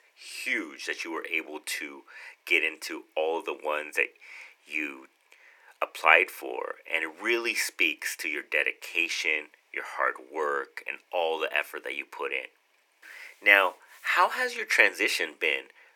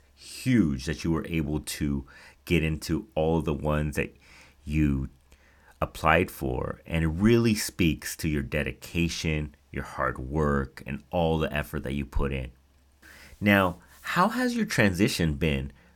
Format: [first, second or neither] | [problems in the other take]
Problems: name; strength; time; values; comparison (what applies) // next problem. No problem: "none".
second | thin; very; fading below 350 Hz